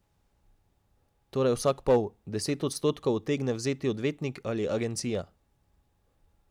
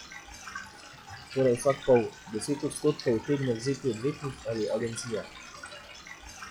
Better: first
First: none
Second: noise reduction (classical method log-MMSE)

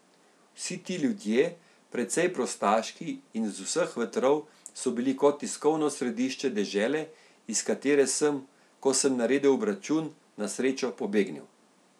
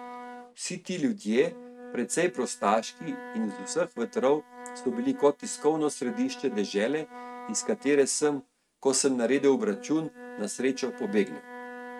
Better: first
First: none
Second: noise reduction (neural mask model RNNoise)

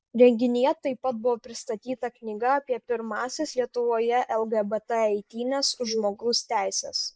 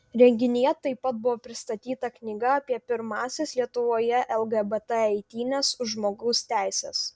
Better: second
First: noise reduction (neural mask model Resemble Enhance denoiser)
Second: none

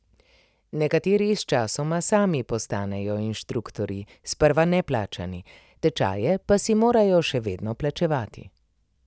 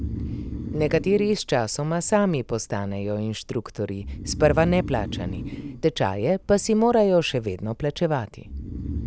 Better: first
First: none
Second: background sound (Breathing); 10 dB below the speech

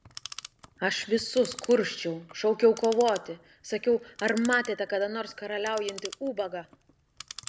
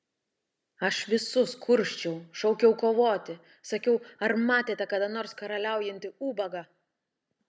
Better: second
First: background sound (Clock); 18 dB below the speech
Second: none

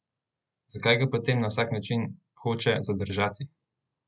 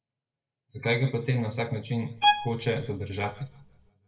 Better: first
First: none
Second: background sound (Bowed string instrument); 1 dB above the speech // room echo; dies away in 0.7 s

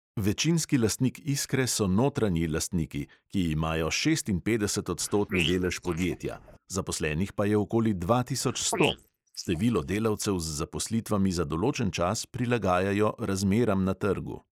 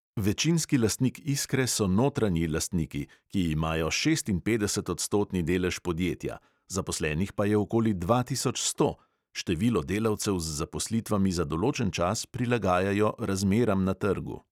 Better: second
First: noise reduction (neural mask model Resemble Enhance denoiser)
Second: none

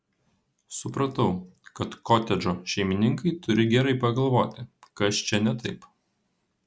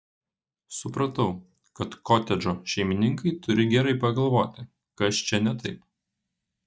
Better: first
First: none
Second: noise reduction (neural mask model DeepFilterNet 3)

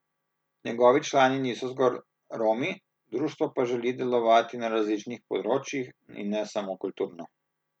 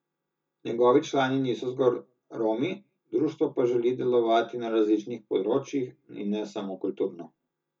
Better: first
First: none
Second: room echo; dies away in 0.2 s

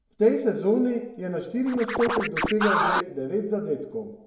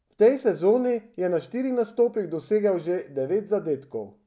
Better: second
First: background sound (Scratching (performance technique)); 1 dB below the speech // room echo; dies away in 0.7 s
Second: none

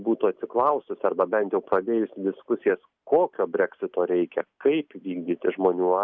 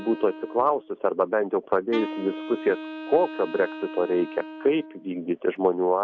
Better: first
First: none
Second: background sound (Wind instrument, woodwind instrument); 13 dB below the speech

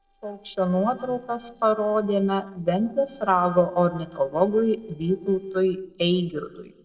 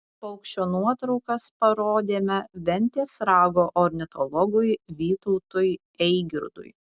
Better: second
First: noise reduction (neural separator model SepFormer DNS4)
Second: none

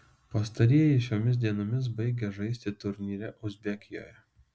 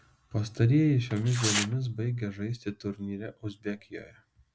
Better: first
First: none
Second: background sound (Tearing); 6 dB below the speech

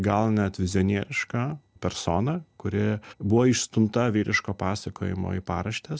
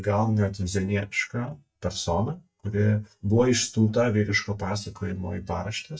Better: first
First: none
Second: noise reduction (neural mask model DeepFilterNet 3)

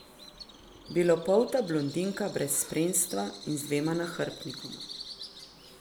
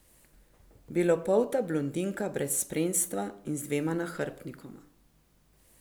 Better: second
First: background sound (Bird vocalization, bird call, bird song); 15 dB below the speech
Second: none

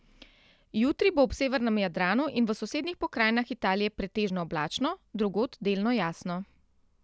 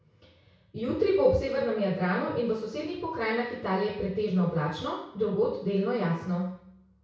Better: first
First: none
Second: room echo; dies away in 0.6 s

